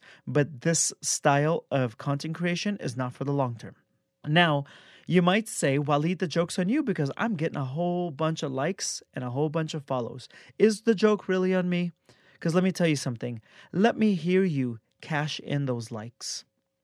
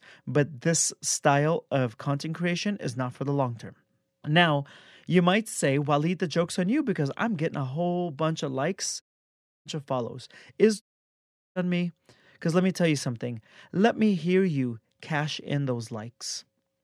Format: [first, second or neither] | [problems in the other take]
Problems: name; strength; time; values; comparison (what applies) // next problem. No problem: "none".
first | audio cutting out; at 9 s for 0.5 s and at 11 s for 0.5 s